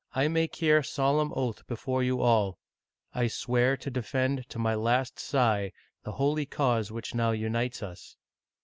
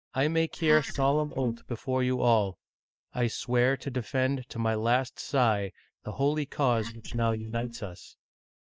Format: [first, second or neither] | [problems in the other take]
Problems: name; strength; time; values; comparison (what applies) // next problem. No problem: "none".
first | noise reduction (neural mask model DeepFilterNet 3)